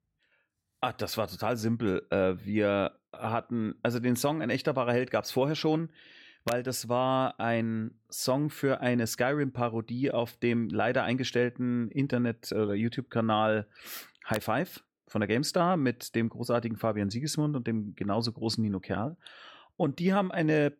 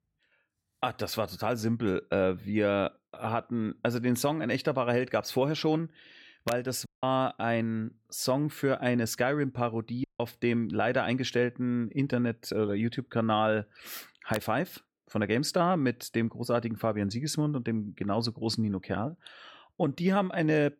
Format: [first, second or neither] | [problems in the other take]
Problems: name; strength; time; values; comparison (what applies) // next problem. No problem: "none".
first | audio cutting out; at 7 s and at 10 s